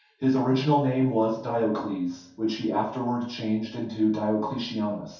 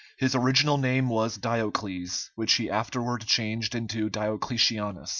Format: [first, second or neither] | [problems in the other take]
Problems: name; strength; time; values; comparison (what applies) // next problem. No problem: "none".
second | room echo; dies away in 0.6 s